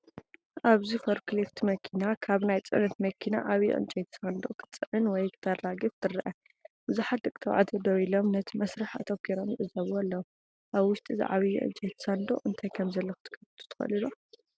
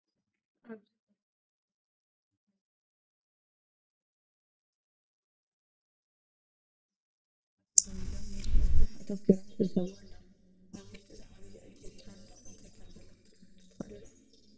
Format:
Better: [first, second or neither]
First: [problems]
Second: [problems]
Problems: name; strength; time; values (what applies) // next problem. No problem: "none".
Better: first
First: none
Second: noise reduction (neural mask model DeepFilterNet 3)